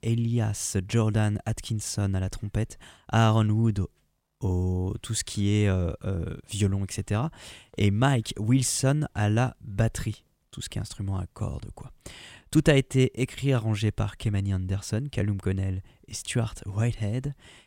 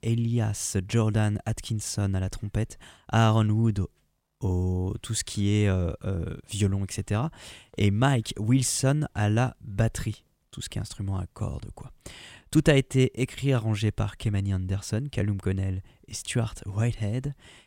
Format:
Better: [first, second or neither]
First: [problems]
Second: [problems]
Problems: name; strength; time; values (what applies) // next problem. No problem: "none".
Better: neither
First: none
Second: none